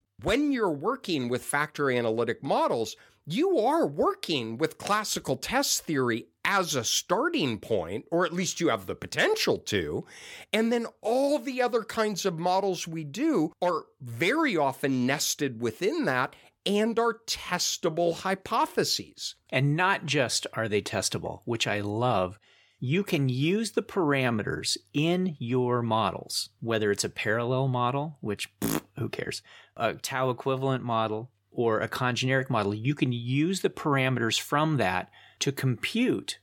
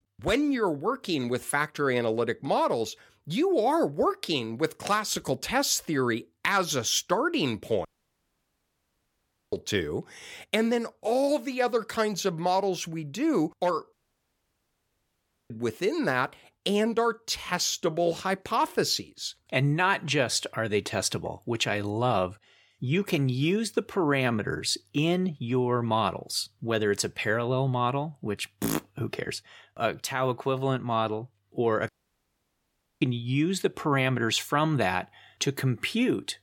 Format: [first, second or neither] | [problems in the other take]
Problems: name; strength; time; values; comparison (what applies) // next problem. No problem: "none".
first | audio cutting out; at 8 s for 1.5 s, at 14 s for 1.5 s and at 32 s for 1 s